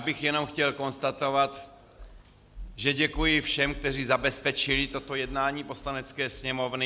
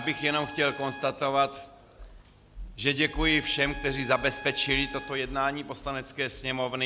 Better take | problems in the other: first | background sound (Trumpet); 16 dB below the speech

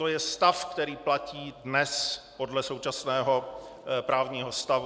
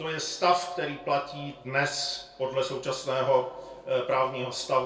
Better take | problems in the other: first | room echo; dies away in 0.3 s

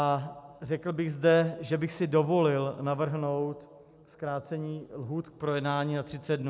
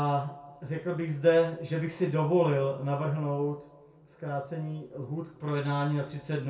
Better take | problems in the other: first | room echo; dies away in 0.3 s

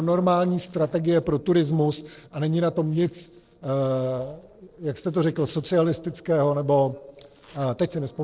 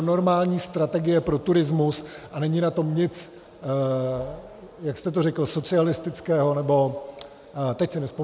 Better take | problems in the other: second | noise reduction (neural separator model SepFormer DNS4)

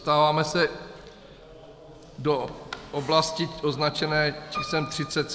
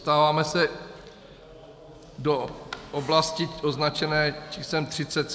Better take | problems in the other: second | background sound (Piano); 18 dB below the speech

